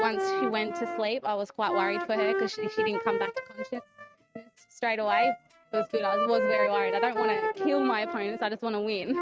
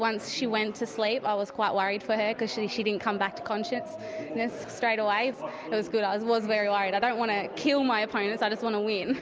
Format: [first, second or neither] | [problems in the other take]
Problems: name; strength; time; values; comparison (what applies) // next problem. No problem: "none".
second | noise reduction (neural mask model RNNoise)